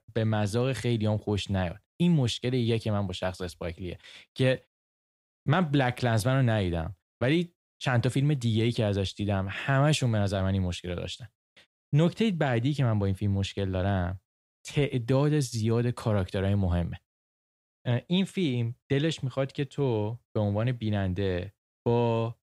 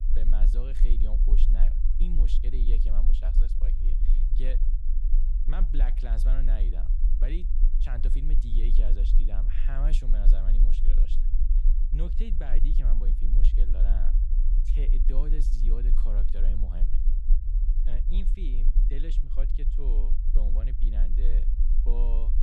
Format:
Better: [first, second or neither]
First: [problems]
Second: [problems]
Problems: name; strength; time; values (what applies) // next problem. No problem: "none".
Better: first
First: none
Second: low rumble; loud; throughout; 6 dB below the speech